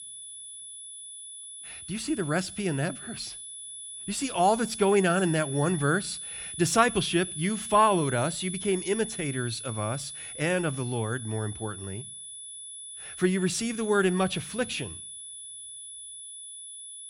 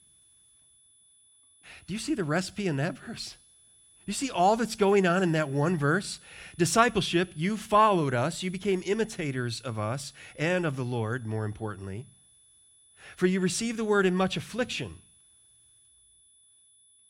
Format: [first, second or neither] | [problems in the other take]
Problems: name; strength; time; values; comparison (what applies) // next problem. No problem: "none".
second | high-pitched whine; loud; throughout; 10 kHz, 10 dB below the speech; faint in the second